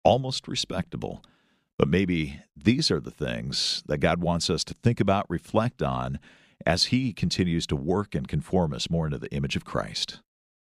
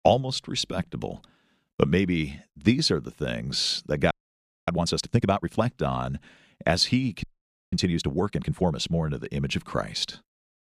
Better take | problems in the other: first | audio freezing; at 4 s for 0.5 s and at 7 s

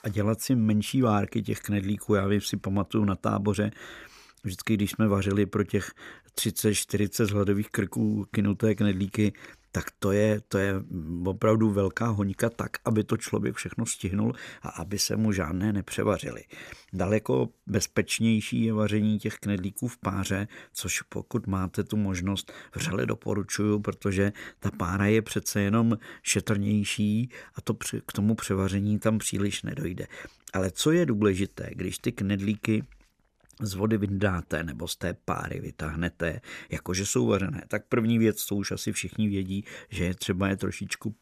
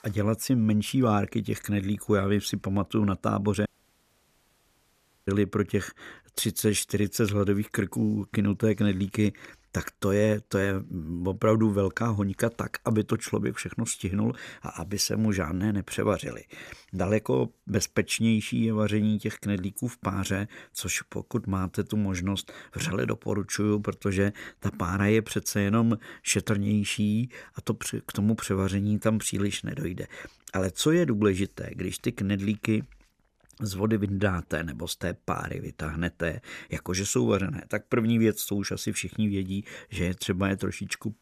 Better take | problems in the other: first | audio cutting out; at 3.5 s for 1.5 s

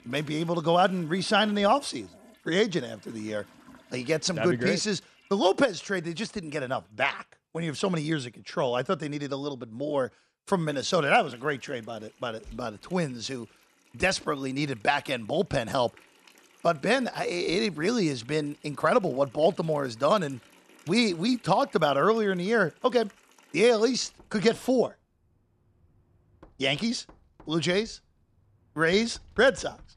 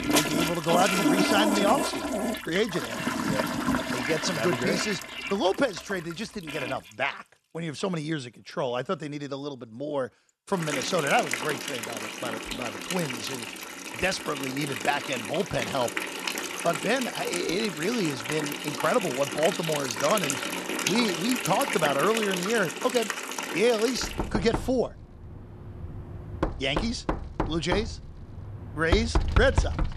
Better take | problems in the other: first | household noises; loud; throughout; 1 dB below the speech; faint in the first

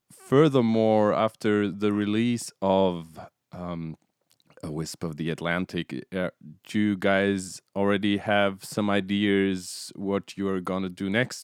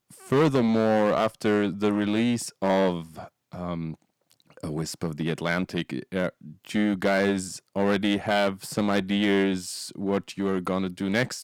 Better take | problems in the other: first | distortion; slight; 7% of the sound clipped

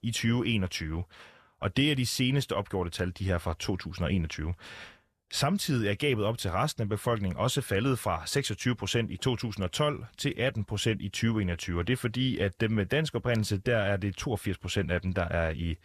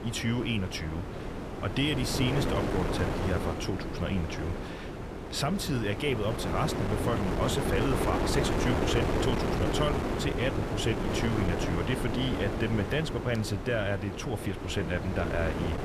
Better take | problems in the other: first | wind noise on the microphone; heavy; 1 dB below the speech

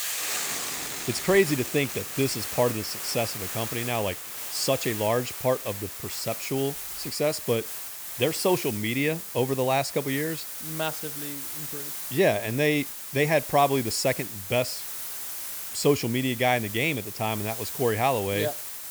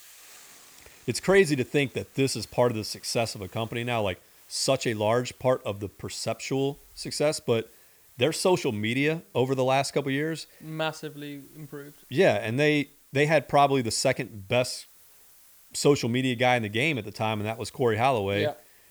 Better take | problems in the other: second | hiss; loud; throughout; 5 dB below the speech; faint in the second

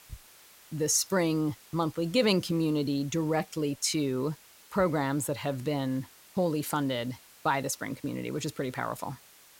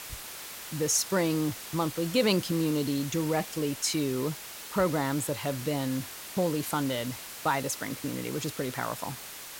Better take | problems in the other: first | hiss; loud; throughout; 9 dB below the speech; faint in the first

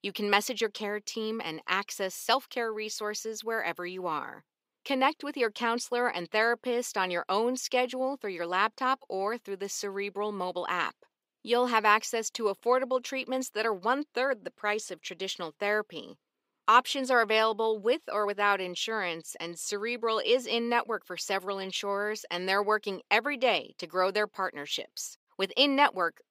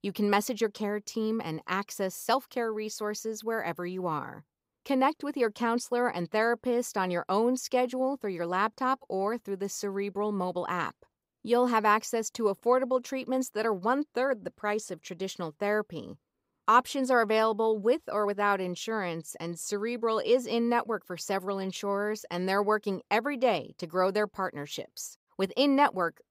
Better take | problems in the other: second | thin; very slightly; fading below 250 Hz

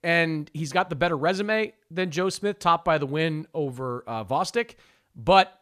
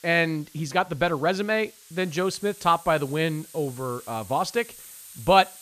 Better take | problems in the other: first | hiss; noticeable; throughout; 20 dB below the speech

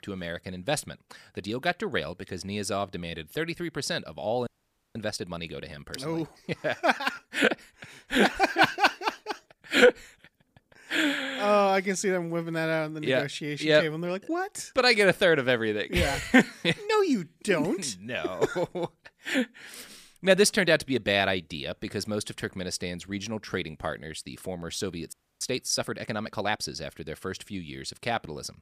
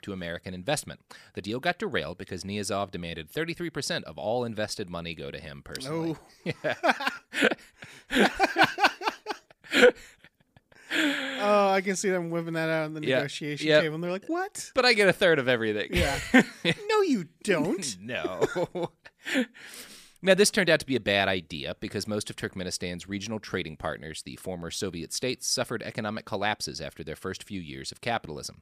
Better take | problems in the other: second | audio freezing; at 4.5 s and at 25 s

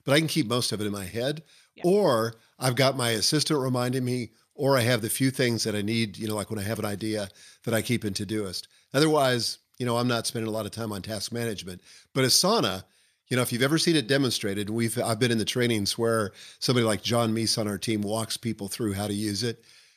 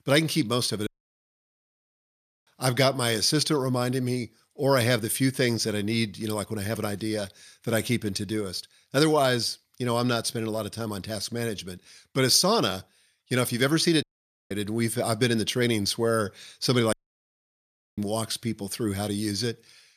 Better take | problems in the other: first | audio cutting out; at 1 s for 1.5 s, at 14 s and at 17 s for 1 s

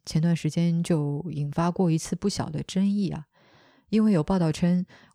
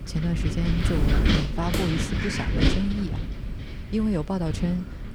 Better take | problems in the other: first | wind noise on the microphone; heavy; 3 dB above the speech

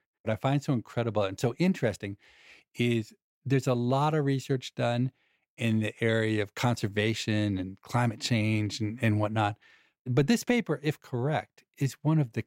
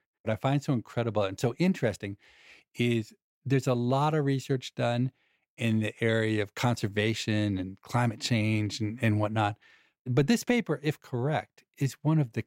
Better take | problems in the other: neither | none

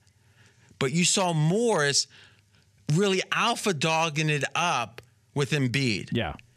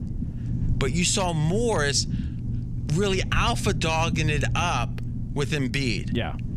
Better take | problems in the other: first | low rumble; noticeable; throughout; 15 dB below the speech

